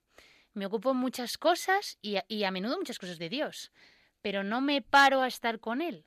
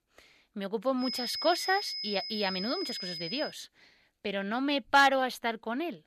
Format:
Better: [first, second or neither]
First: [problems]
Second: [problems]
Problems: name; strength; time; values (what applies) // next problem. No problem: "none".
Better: first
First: none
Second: high-pitched whine; loud; from 1 to 3.5 s; 5 kHz, 5 dB below the speech